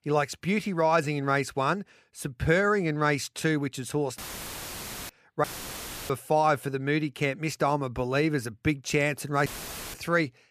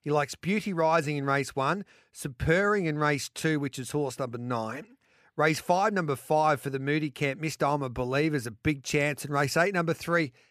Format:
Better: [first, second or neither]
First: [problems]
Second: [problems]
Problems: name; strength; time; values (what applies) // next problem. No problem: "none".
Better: second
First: audio cutting out; filled with static; at 4 s for 1 s, at 5.5 s for 0.5 s and at 9.5 s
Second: none